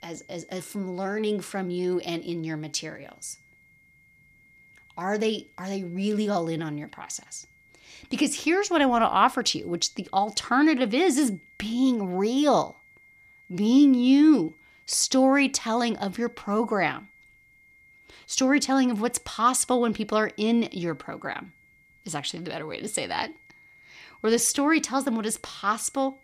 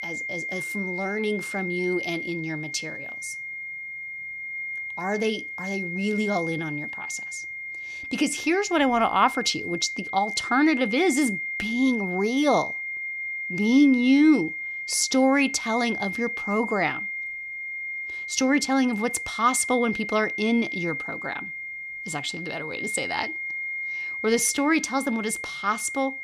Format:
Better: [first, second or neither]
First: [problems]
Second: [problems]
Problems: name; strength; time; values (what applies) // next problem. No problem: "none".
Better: first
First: high-pitched whine; faint; throughout; 2 kHz, 30 dB below the speech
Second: high-pitched whine; loud; throughout; 2 kHz, 6 dB below the speech